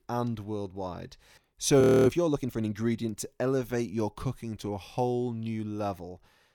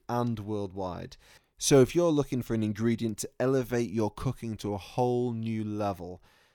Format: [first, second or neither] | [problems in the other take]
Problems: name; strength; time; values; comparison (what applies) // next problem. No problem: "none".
second | audio freezing; at 2 s